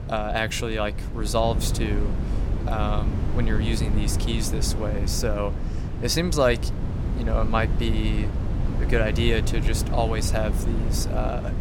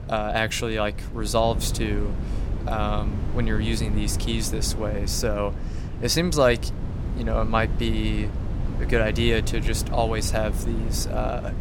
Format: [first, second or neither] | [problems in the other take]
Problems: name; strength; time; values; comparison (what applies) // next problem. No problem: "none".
second | wind noise on the microphone; heavy; 10 dB below the speech; occasional gusts in the second